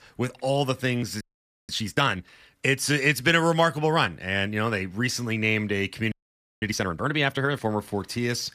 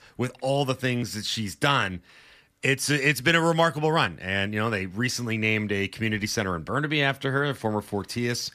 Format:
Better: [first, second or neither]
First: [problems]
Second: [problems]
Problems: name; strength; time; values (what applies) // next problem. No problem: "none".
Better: second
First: audio freezing; at 1 s and at 6 s for 0.5 s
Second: none